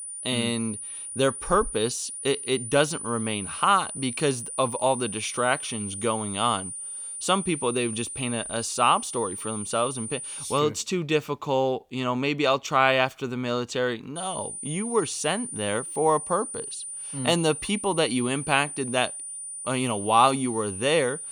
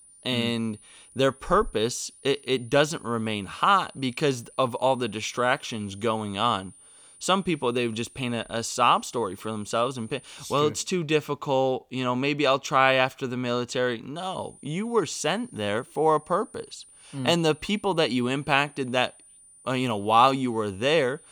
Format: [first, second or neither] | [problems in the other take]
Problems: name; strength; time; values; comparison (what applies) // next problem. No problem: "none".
second | high-pitched whine; loud; until 11 s and from 14 s on; 9.5 kHz, 7 dB below the speech; faint in the second